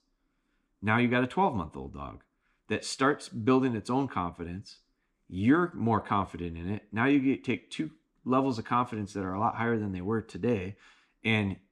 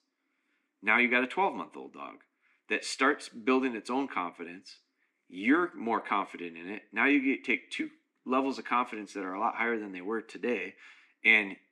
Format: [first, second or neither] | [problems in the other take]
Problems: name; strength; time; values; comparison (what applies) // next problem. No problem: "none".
first | thin; very slightly; fading below 250 Hz